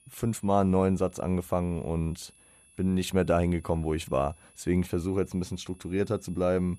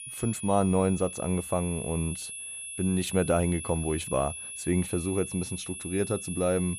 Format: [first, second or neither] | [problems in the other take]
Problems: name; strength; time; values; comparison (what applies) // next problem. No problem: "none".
first | high-pitched whine; loud; throughout; 10.5 kHz, 8 dB below the speech; faint in the first